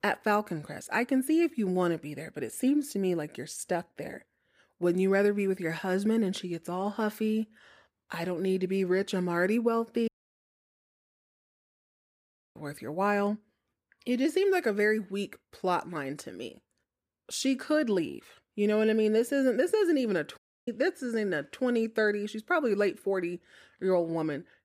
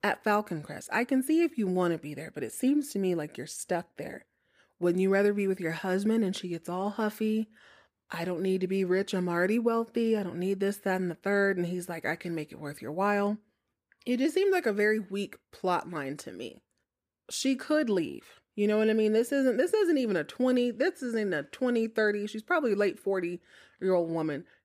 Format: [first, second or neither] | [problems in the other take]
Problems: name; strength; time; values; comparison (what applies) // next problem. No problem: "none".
second | audio cutting out; at 10 s for 2.5 s and at 20 s